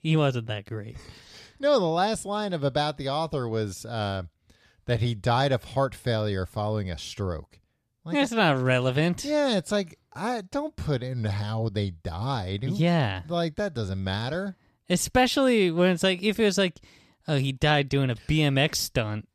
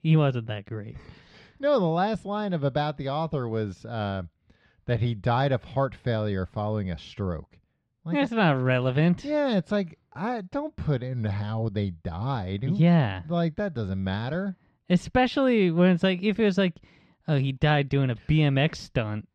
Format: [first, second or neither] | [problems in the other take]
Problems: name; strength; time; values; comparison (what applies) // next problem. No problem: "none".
first | muffled; slightly; fading above 3 kHz